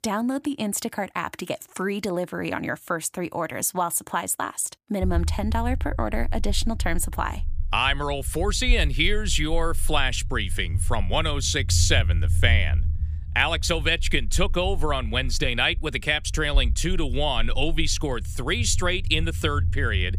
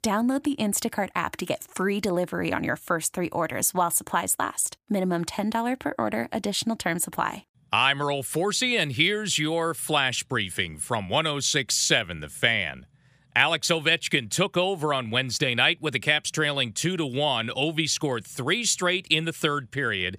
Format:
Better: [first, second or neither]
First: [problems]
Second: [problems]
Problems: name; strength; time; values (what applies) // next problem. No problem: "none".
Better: second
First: low rumble; faint; from 5 s on; 20 dB below the speech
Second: none